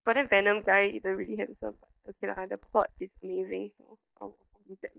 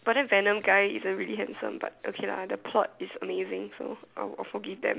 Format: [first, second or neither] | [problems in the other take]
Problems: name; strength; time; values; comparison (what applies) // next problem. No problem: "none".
second | noise reduction (neural mask model DeepFilterNet 3)